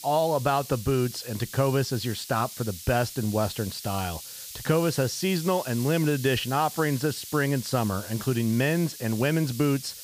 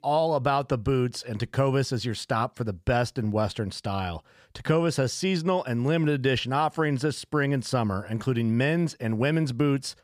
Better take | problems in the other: second | hiss; noticeable; throughout; 10 dB below the speech

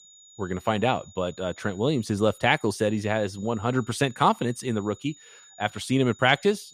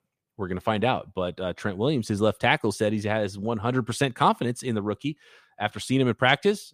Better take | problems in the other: second | high-pitched whine; faint; throughout; 7 kHz, 25 dB below the speech

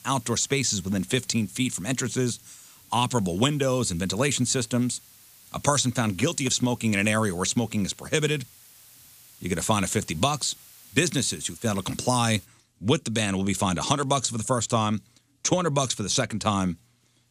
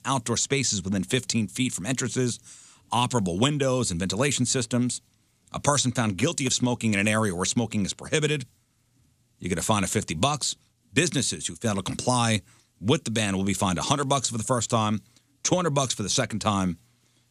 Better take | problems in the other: second | hiss; faint; until 12 s; 25 dB below the speech

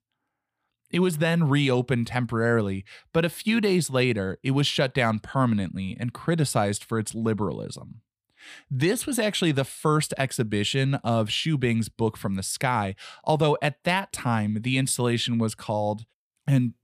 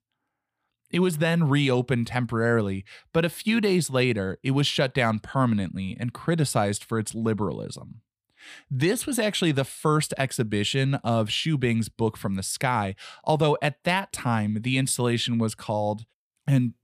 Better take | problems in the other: neither | none

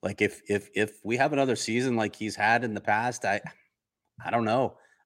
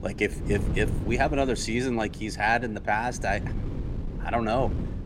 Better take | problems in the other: first | wind noise on the microphone; occasional gusts; 15 dB below the speech

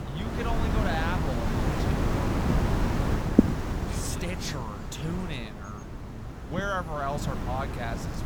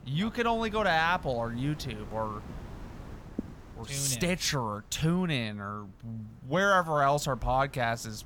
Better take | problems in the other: second | wind noise on the microphone; heavy; as loud as the speech; occasional gusts in the second

